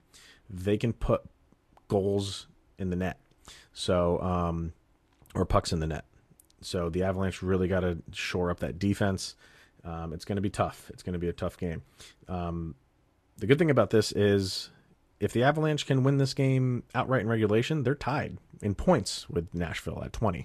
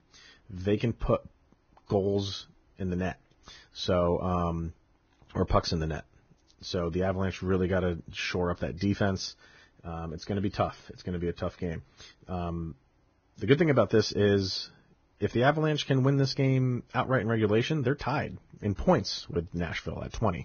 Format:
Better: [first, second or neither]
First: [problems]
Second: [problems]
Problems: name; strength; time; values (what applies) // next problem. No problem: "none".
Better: first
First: garbled, watery; slightly; nothing above 13 kHz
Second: garbled, watery; badly; nothing above 6.5 kHz